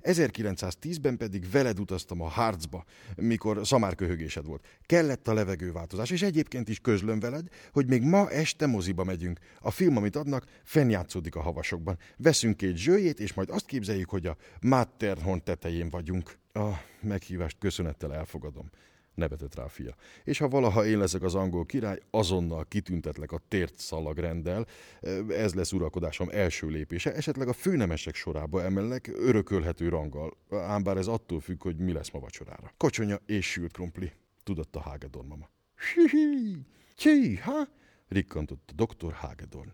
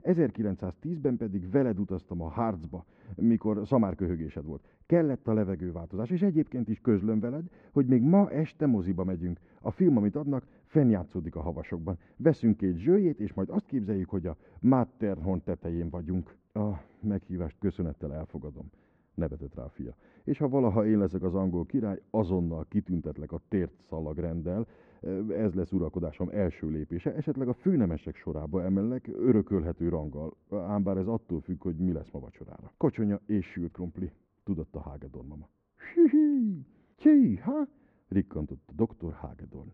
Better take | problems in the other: first | muffled; very; fading above 1 kHz

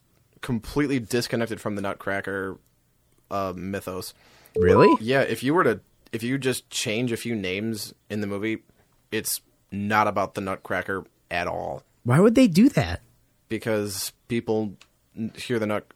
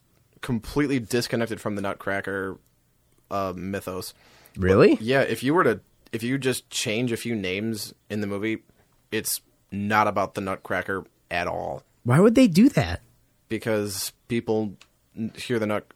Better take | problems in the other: second | alarm; loud; at 4.5 s; peak 3 dB above the speech

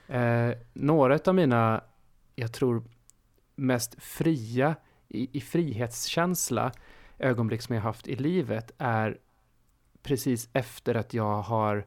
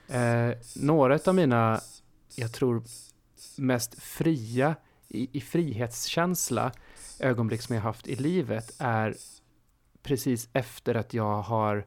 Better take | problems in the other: first | hiss; faint; until 9.5 s; 20 dB below the speech

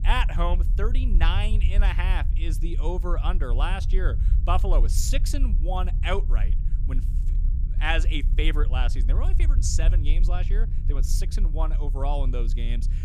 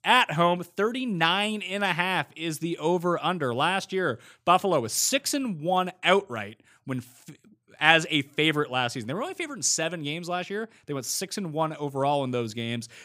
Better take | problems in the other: second | low rumble; noticeable; throughout; 15 dB below the speech

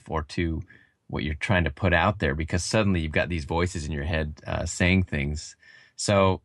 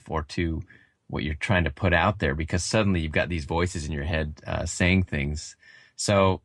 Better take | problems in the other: first | garbled, watery; slightly

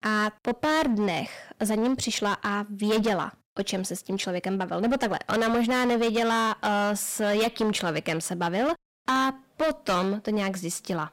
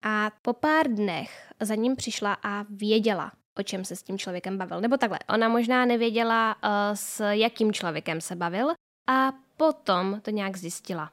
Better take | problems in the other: second | distortion; heavy; 15% of the sound clipped

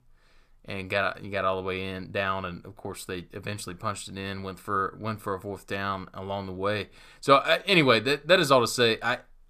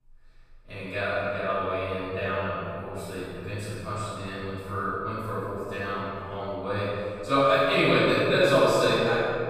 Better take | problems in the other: first | off-mic speech; far // room echo; strong; dies away in 2.6 s

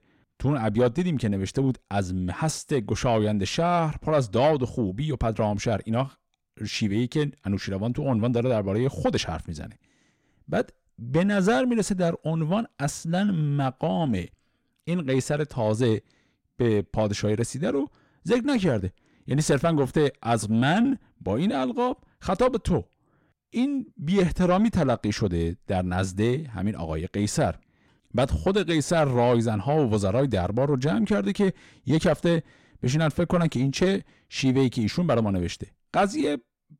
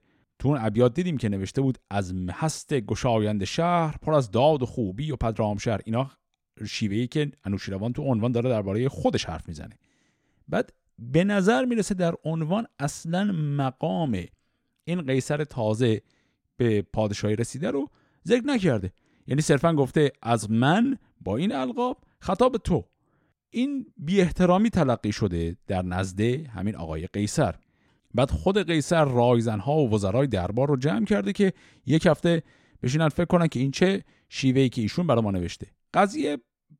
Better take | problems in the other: second | distortion; slight; 10 dB below the speech

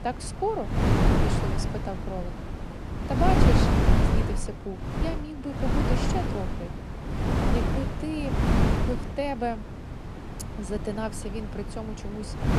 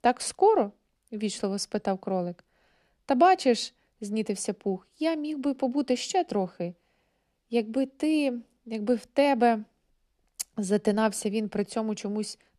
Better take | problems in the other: second | wind noise on the microphone; heavy; 2 dB above the speech

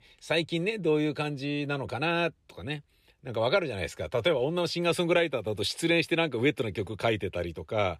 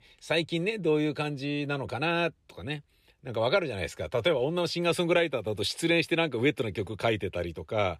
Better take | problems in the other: neither | none

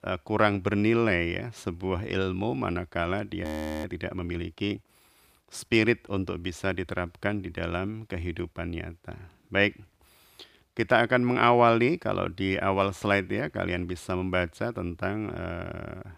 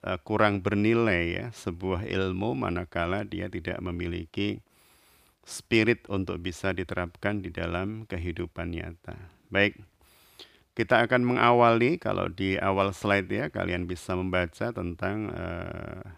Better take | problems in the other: second | audio freezing; at 3.5 s

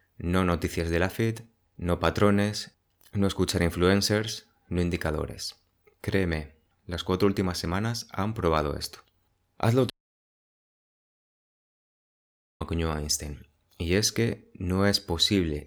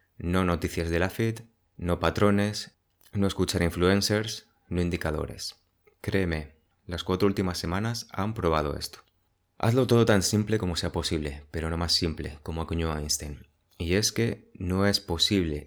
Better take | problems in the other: second | audio cutting out; at 10 s for 2.5 s

